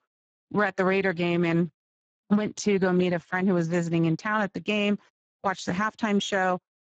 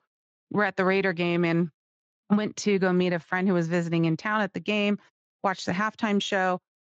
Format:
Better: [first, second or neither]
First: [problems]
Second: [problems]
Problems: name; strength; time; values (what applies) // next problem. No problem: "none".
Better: second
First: garbled, watery; badly; nothing above 7.5 kHz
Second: garbled, watery; slightly